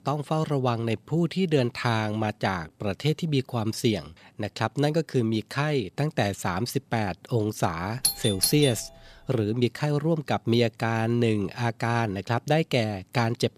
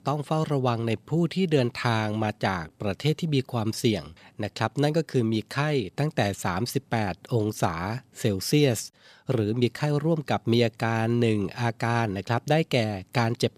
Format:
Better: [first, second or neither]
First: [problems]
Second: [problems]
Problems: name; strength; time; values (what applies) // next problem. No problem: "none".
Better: second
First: doorbell; loud; at 8 s; peak 1 dB above the speech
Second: none